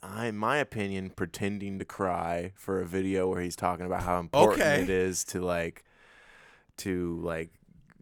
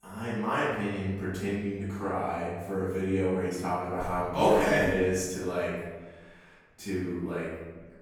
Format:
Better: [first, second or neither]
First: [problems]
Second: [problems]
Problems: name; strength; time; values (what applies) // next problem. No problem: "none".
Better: first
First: none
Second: off-mic speech; far // room echo; strong; dies away in 1.1 s